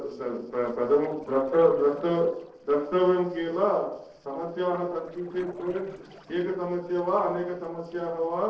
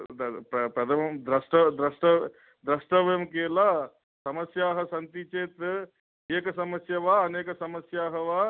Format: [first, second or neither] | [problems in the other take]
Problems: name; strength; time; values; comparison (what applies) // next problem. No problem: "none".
second | noise reduction (neural separator model SepFormer DNS4)